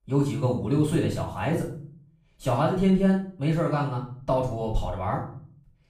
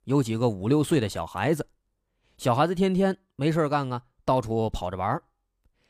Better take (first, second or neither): second